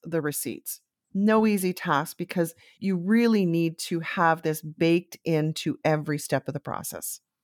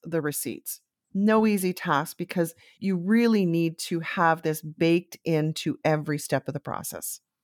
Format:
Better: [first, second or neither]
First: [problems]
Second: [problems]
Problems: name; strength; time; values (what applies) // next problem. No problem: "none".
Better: neither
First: none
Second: none